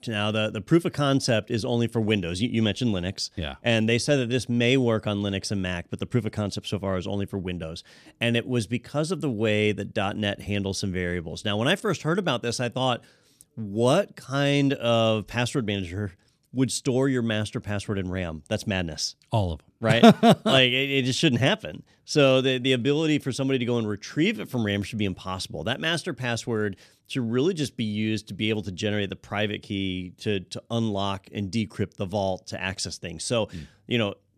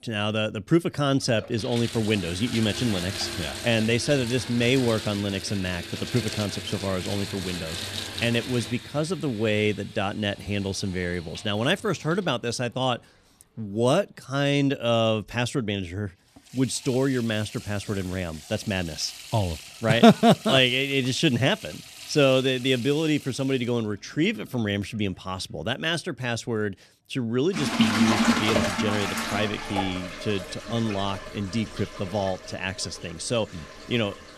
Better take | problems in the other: first | household noises; loud; throughout; 7 dB below the speech

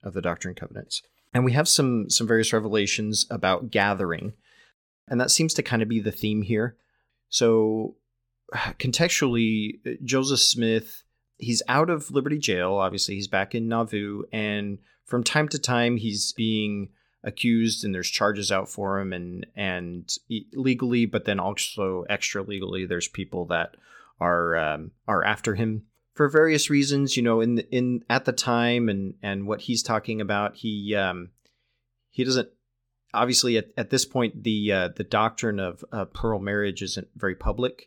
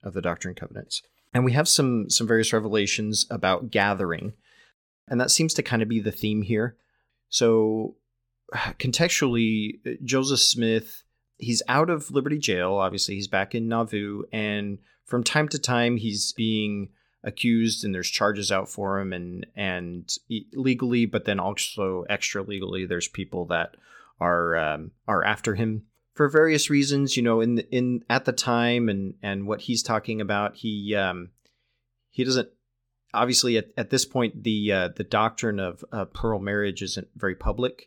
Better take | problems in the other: neither | none

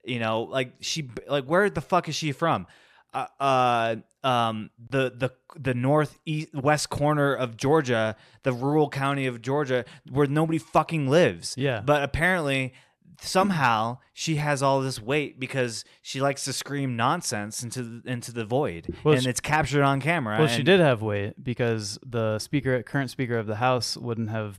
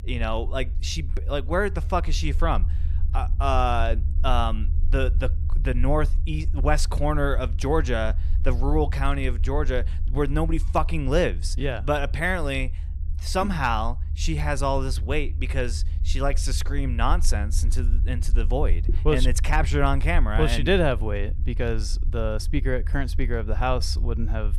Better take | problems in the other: first | low rumble; faint; throughout; 20 dB below the speech

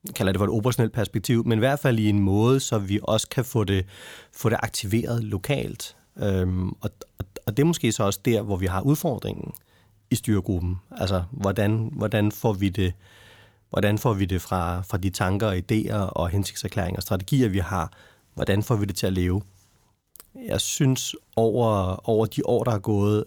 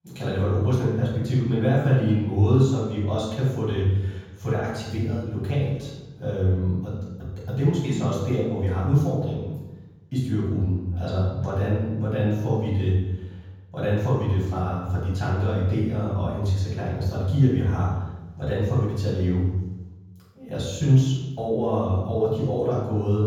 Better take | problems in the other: first | room echo; strong; dies away in 1.3 s // off-mic speech; far

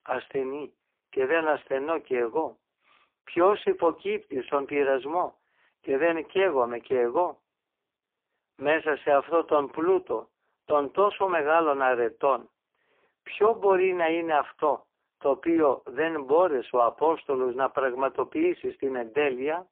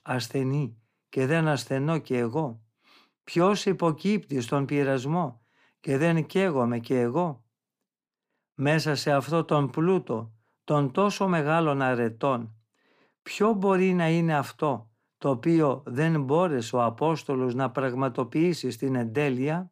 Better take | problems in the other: second | phone-call audio; poor line

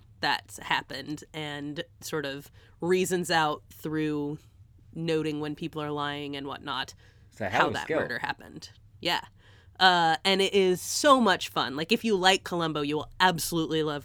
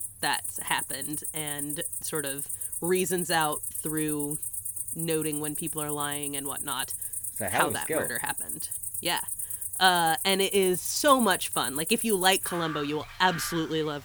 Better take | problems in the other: first | animal sounds; loud; throughout; 3 dB below the speech

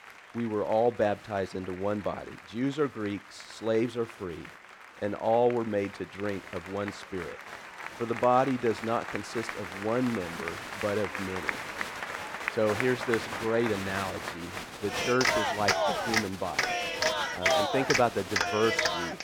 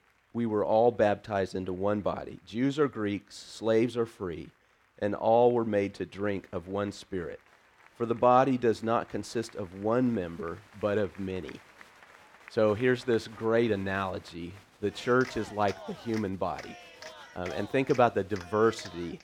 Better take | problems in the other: second | crowd noise; loud; throughout; 1 dB below the speech; faint in the second

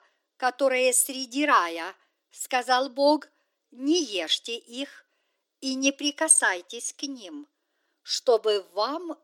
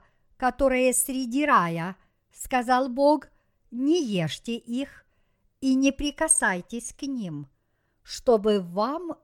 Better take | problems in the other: second | thin; very slightly; fading below 300 Hz

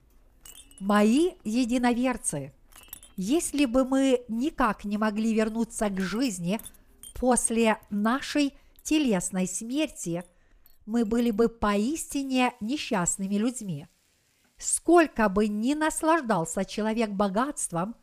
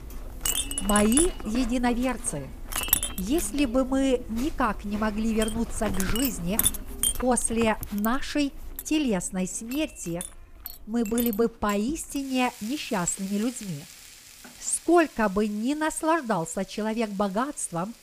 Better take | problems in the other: first | household noises; loud; throughout; 4 dB below the speech; faint in the first

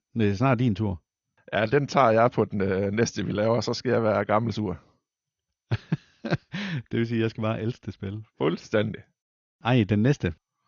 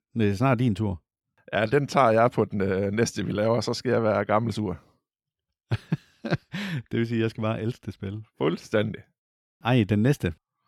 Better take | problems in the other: second | garbled, watery; slightly; nothing above 6.5 kHz

